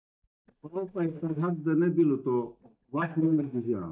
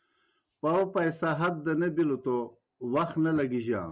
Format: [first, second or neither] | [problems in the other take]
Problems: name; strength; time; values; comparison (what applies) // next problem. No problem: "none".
second | noise reduction (neural mask model DeepFilterNet 3)